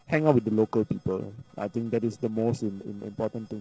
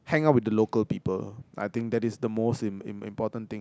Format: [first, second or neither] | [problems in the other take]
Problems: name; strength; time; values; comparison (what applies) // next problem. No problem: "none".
second | noise reduction (neural separator model SepFormer DNS4)